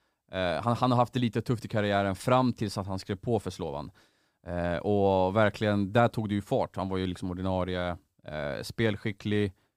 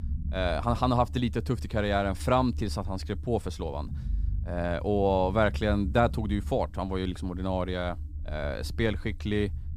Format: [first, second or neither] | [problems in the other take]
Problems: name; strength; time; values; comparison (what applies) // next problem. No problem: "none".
first | low rumble; faint; throughout; 25 dB below the speech